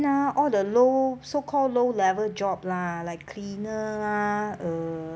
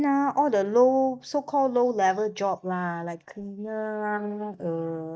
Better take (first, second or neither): first